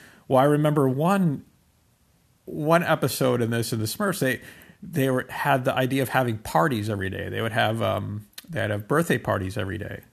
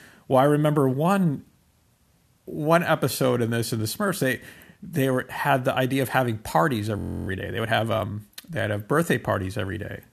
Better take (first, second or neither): first